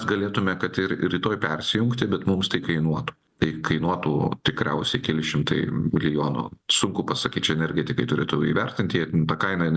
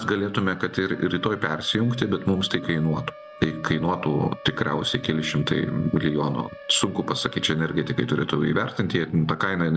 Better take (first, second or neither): first